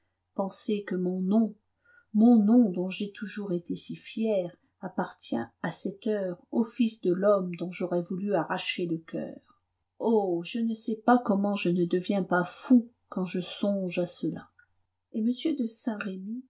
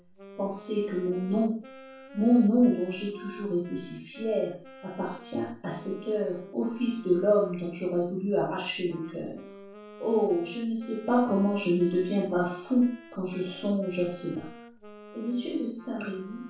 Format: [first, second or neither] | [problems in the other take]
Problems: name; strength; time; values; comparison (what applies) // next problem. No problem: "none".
first | background sound (Wind instrument, woodwind instrument); 20 dB below the speech // room echo; dies away in 0.4 s